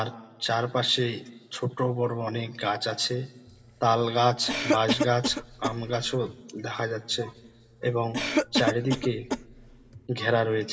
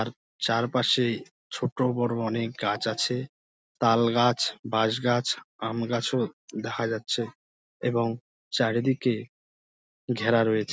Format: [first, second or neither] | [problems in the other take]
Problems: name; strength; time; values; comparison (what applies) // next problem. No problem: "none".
second | background sound (Cough); 4 dB below the speech // room echo; dies away in 1.6 s